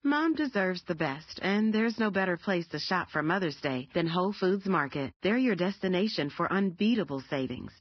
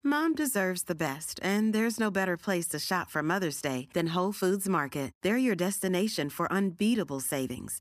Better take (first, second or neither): second